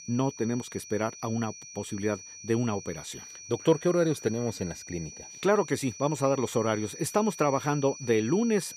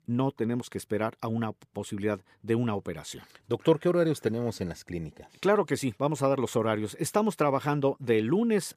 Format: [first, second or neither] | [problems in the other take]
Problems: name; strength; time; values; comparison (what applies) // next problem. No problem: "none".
second | high-pitched whine; noticeable; throughout; 6 kHz, 15 dB below the speech